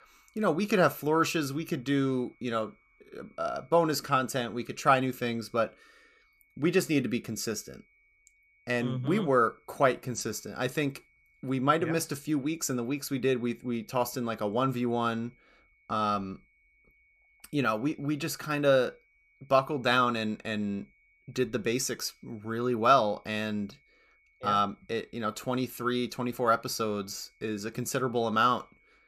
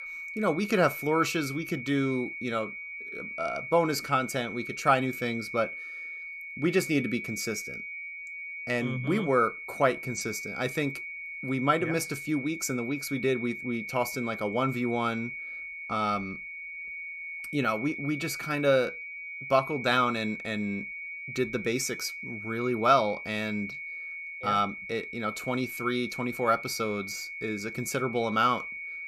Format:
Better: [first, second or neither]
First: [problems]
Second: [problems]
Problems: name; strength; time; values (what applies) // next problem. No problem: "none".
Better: first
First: high-pitched whine; faint; throughout; 2 kHz, 35 dB below the speech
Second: high-pitched whine; loud; throughout; 2 kHz, 8 dB below the speech